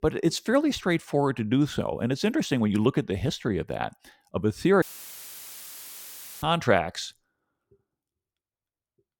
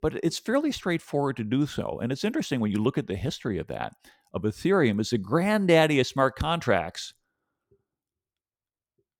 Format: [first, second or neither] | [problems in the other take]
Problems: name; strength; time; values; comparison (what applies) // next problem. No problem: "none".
second | audio cutting out; filled with static; at 5 s for 1.5 s